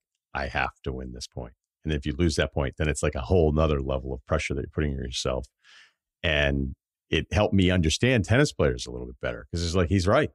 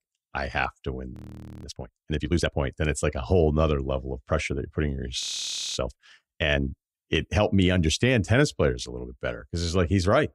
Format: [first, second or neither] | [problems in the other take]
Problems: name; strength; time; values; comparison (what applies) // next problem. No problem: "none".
first | audio freezing; at 1 s for 0.5 s and at 5 s for 0.5 s